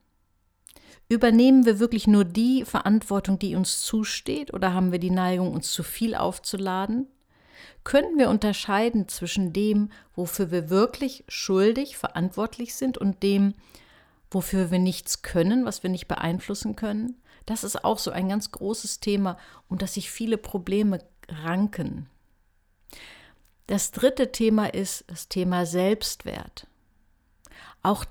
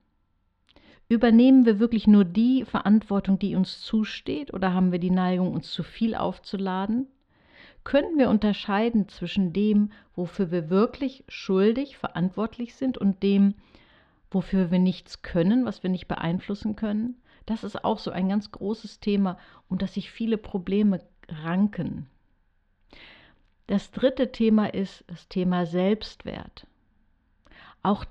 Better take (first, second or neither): first